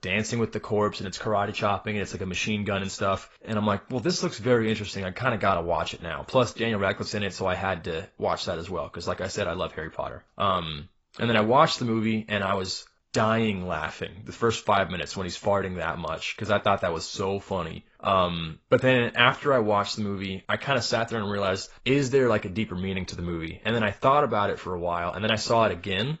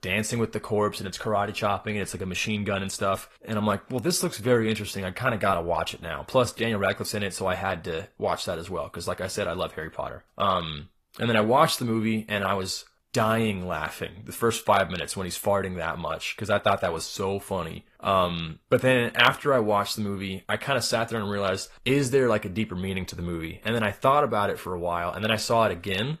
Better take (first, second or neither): second